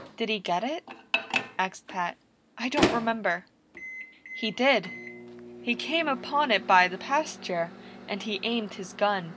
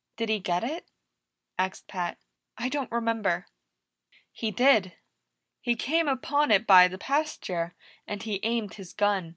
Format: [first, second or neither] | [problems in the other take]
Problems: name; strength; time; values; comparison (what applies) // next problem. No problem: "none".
second | background sound (Microwave oven); 7 dB below the speech